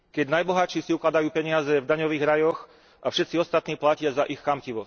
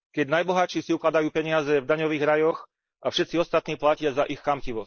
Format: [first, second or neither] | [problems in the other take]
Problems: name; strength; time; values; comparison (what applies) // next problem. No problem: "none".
first | noise reduction (neural mask model Resemble Enhance denoiser)